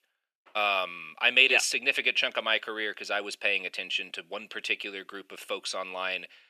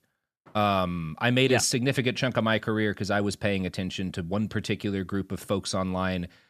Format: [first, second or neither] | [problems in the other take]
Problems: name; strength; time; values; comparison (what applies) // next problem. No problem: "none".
second | thin; very; fading below 450 Hz